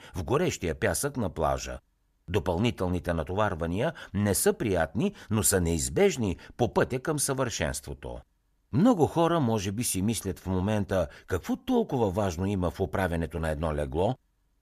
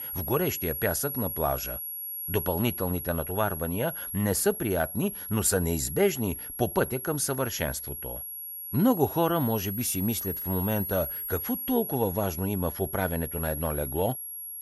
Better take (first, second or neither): first